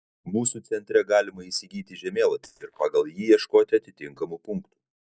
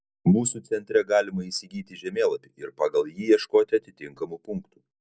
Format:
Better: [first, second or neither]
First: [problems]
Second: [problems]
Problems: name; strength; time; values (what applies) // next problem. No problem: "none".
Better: second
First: noise reduction (neural mask model DeepFilterNet 3)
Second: none